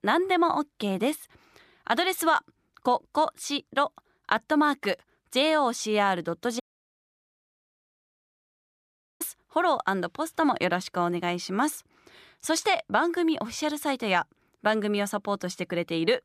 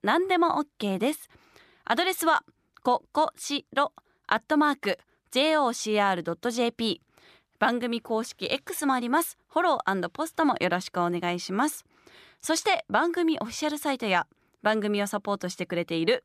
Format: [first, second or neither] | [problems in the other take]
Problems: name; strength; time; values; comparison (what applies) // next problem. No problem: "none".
second | audio cutting out; at 6.5 s for 2.5 s